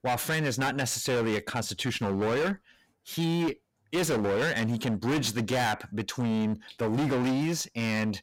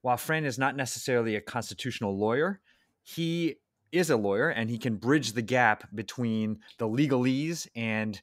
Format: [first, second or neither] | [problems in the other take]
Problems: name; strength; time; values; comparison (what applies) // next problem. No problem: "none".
second | distortion; heavy; 27% of the sound clipped